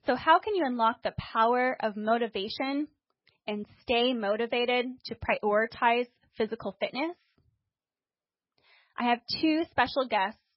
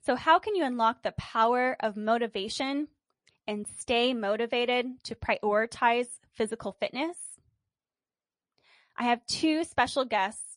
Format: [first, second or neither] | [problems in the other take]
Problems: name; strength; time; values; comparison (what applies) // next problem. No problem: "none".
second | garbled, watery; badly; nothing above 5.5 kHz; slightly in the second